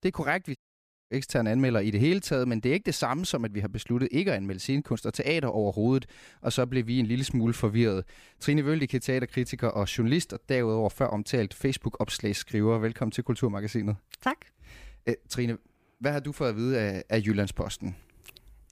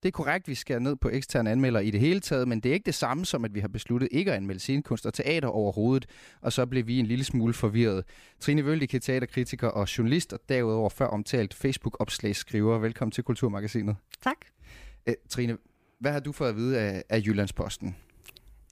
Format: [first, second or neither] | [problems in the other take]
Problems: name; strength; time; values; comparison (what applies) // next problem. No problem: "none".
second | audio cutting out; at 0.5 s for 0.5 s